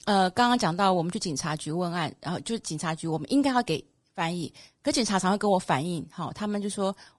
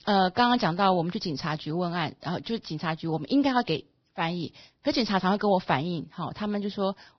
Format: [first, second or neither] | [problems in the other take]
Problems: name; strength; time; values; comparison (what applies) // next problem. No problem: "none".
first | garbled, watery; badly; nothing above 5.5 kHz; slightly in the first